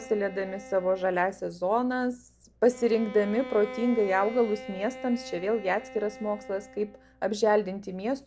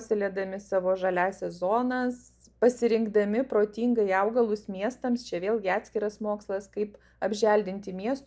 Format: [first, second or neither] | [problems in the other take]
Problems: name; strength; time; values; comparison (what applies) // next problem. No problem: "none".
second | background sound (Bowed string instrument); 16 dB below the speech